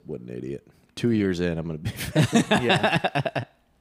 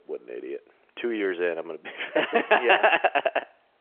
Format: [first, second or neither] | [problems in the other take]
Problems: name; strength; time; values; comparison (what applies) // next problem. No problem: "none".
first | phone-call audio; nothing above 3 kHz